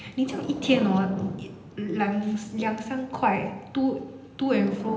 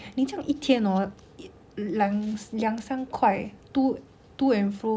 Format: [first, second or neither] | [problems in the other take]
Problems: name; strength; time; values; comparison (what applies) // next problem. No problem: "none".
second | background sound (Thunder / Rain); 12 dB below the speech // room echo; dies away in 0.9 s